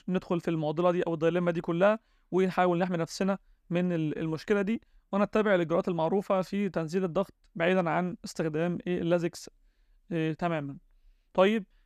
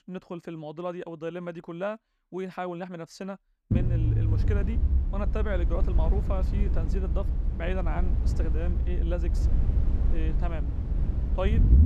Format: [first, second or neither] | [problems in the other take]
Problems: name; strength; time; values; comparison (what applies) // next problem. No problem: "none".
first | low rumble; loud; from 3.5 s on; 6 dB below the speech